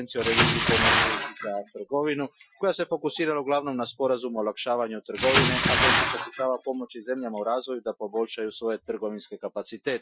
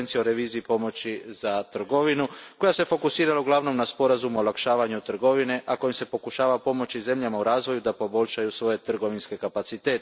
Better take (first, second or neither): second